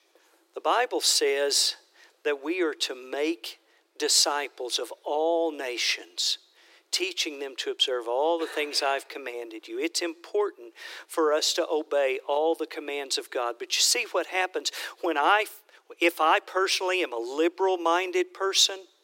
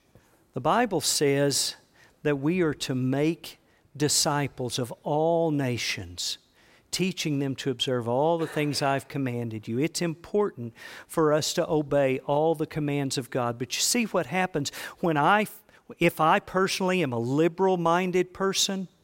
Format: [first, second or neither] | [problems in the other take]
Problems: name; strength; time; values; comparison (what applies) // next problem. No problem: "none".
second | thin; very; fading below 350 Hz